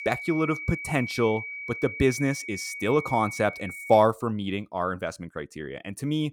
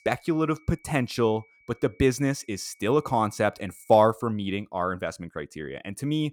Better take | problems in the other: second | high-pitched whine; loud; until 4 s; 2.5 kHz, 8 dB below the speech; faint in the second

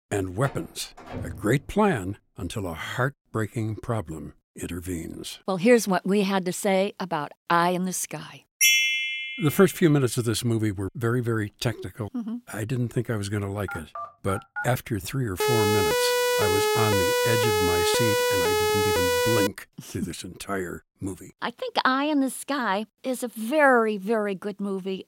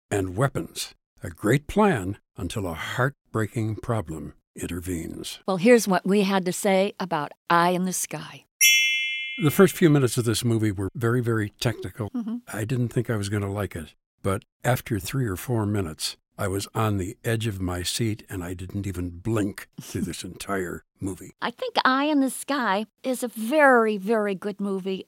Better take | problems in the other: second | door banging; faint; until 1.5 s; peak 10 dB below the speech // phone ringing; noticeable; at 14 s; peak 8 dB below the speech // siren; loud; from 15 to 19 s; peak 4 dB above the speech

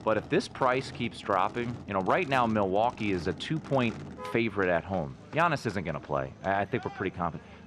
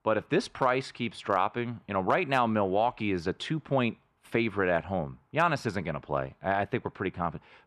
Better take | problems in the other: second | traffic noise; noticeable; throughout; 15 dB below the speech

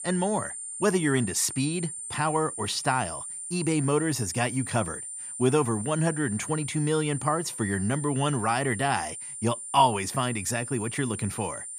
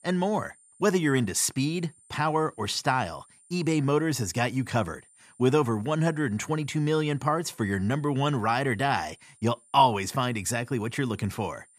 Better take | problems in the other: second | high-pitched whine; loud; throughout; 9 kHz, 7 dB below the speech; faint in the second

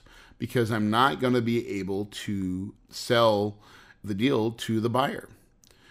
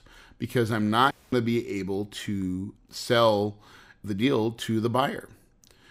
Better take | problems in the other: first | audio cutting out; at 1 s

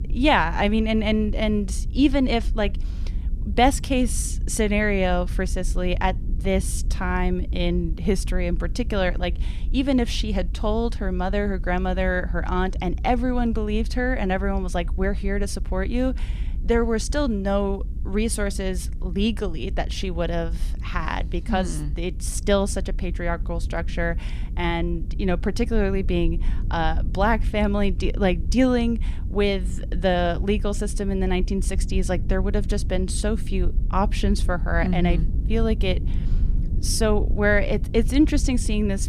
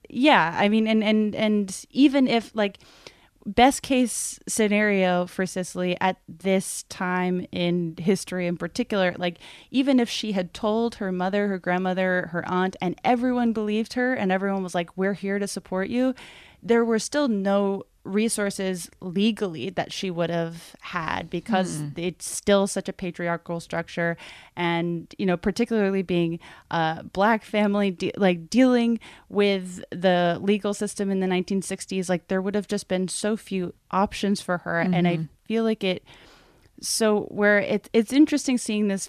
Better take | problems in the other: second | low rumble; faint; throughout; 20 dB below the speech

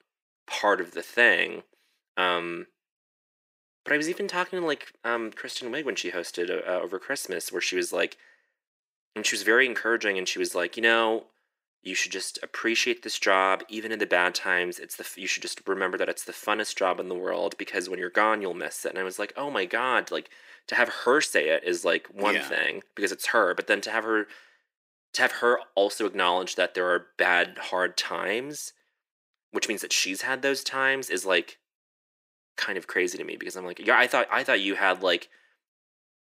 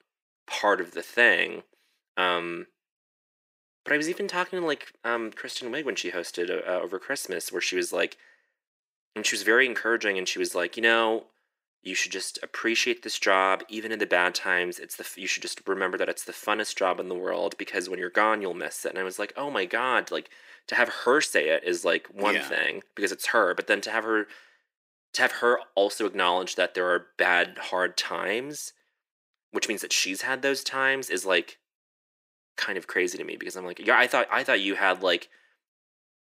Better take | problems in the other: neither | thin; very; fading below 350 Hz; the same in both

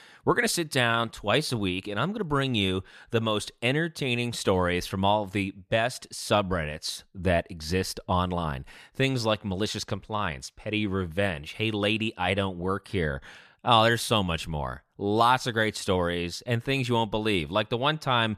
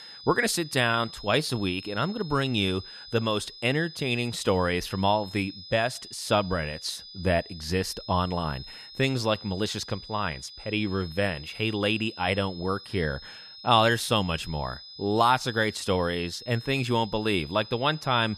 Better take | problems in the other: first | high-pitched whine; noticeable; throughout; 5 kHz, 15 dB below the speech

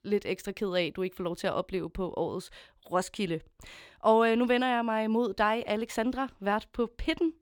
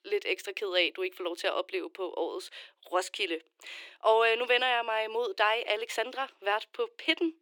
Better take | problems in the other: first | thin; very; fading below 350 Hz

